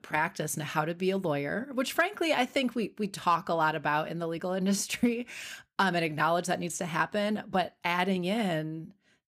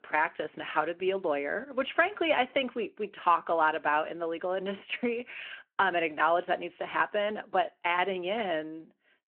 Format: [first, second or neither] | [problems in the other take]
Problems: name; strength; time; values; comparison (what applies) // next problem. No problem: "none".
first | phone-call audio